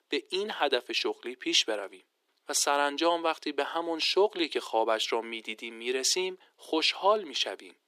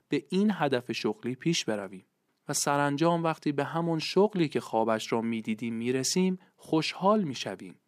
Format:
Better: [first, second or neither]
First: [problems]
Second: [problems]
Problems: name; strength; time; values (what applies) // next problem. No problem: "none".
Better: second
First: thin; very; fading below 350 Hz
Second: none